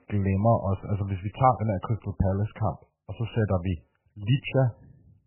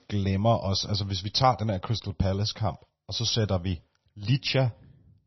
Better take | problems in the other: second | garbled, watery; badly; nothing above 3 kHz; slightly in the second

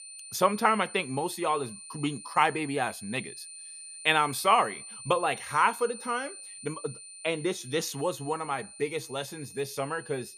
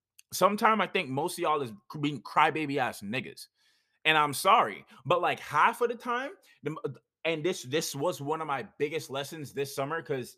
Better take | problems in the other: second | high-pitched whine; noticeable; throughout; 9 kHz, 15 dB below the speech

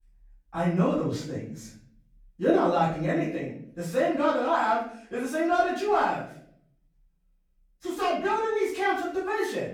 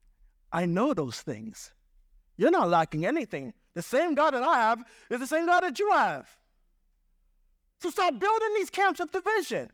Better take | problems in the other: second | off-mic speech; far // room echo; noticeable; dies away in 0.6 s

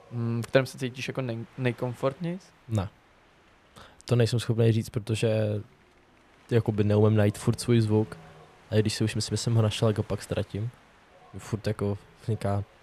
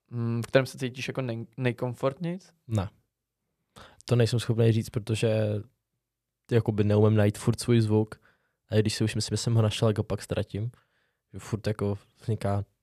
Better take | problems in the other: second | wind noise on the microphone; occasional gusts; 25 dB below the speech

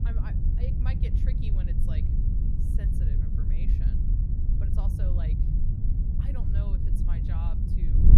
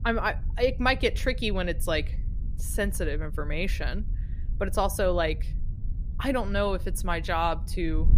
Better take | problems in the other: second | wind noise on the microphone; heavy; 4 dB above the speech; occasional gusts in the second

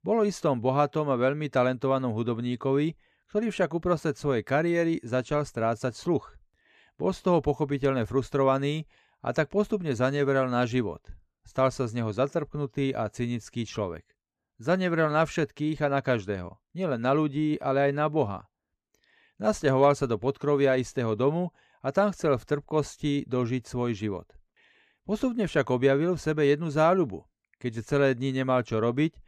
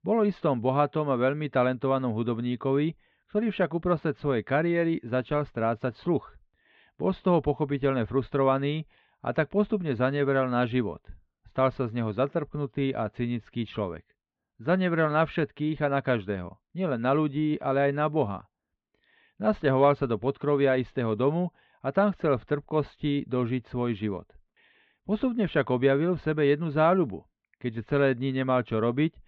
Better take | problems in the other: first | muffled; slightly; fading above 3.5 kHz

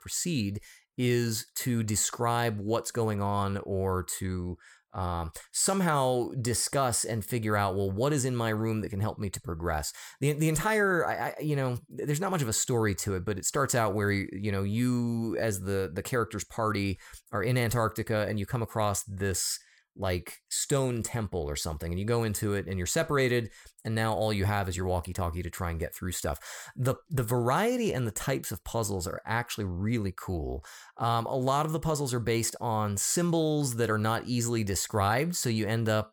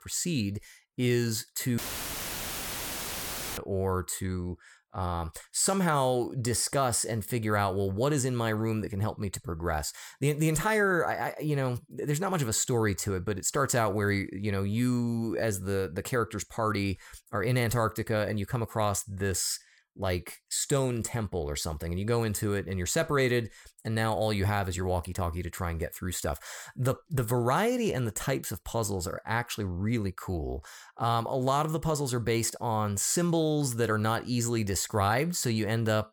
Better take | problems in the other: first | audio cutting out; filled with static; at 2 s for 2 s

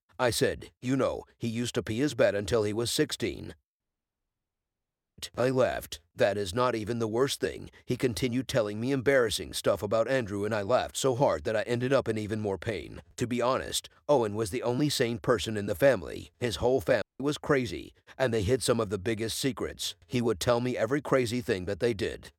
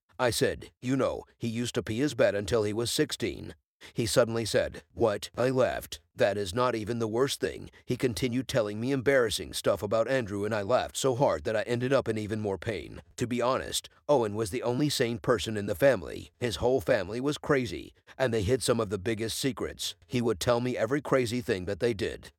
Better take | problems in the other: second | audio cutting out; at 4 s for 1.5 s and at 17 s

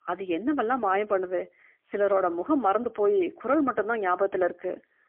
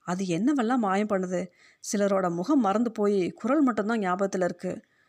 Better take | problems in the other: second | phone-call audio; poor line; nothing above 3 kHz

